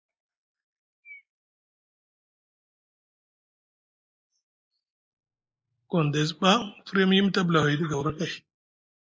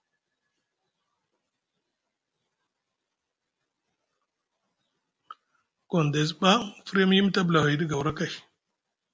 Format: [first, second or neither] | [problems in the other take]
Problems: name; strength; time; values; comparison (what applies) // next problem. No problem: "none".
second | noise reduction (neural mask model Resemble Enhance denoiser)